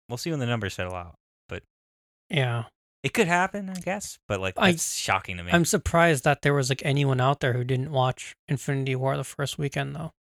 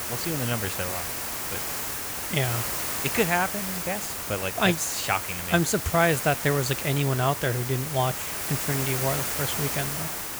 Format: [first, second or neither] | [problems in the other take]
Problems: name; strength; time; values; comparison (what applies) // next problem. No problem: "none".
first | hiss; loud; throughout; 2 dB below the speech